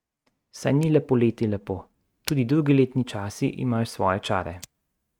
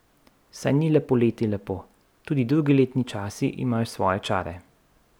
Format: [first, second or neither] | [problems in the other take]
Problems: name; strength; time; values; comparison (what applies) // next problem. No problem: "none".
second | noise reduction (neural mask model RNNoise)